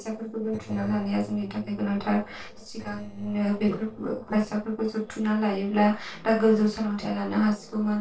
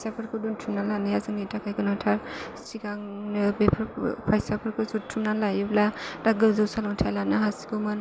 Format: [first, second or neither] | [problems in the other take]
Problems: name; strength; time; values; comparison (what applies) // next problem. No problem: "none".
second | noise reduction (neural separator model SepFormer DNS4)